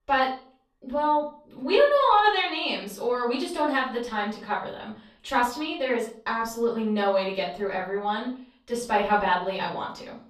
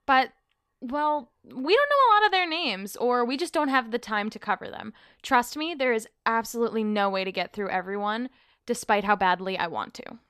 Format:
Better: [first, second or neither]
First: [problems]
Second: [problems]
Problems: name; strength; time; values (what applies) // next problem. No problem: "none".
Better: second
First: room echo; slight; dies away in 0.4 s // off-mic speech; far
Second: none